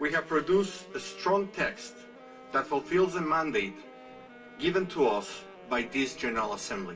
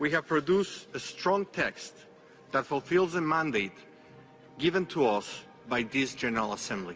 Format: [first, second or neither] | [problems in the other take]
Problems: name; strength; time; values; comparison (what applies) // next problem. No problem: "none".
second | background sound (Wind instrument, woodwind instrument); 19 dB below the speech // room echo; dies away in 0.2 s